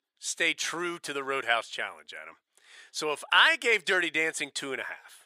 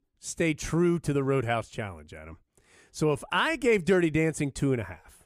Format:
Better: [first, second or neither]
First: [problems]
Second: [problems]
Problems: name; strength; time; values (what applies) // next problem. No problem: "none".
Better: second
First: thin; very; fading below 650 Hz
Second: none